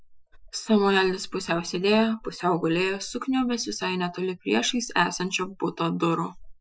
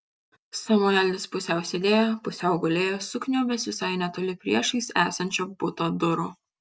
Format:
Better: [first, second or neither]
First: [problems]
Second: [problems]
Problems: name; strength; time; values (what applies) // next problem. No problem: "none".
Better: second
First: noise reduction (classical method Wiener filter)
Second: none